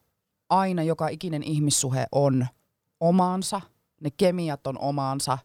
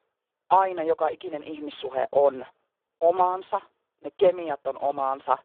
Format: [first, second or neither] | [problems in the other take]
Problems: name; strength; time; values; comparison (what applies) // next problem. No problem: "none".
first | phone-call audio; poor line